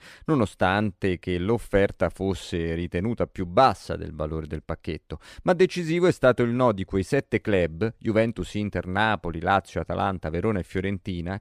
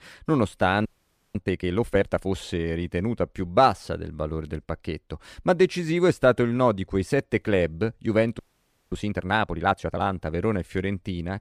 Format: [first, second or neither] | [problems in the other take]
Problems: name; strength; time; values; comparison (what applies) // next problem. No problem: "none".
first | audio freezing; at 1 s for 0.5 s and at 8.5 s for 0.5 s